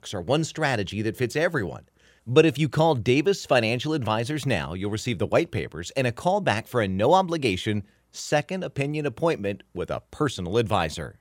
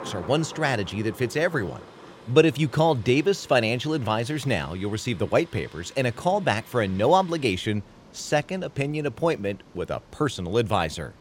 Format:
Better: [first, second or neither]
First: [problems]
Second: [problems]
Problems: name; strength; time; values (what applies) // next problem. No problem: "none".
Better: first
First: none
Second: rain or running water; faint; throughout; 20 dB below the speech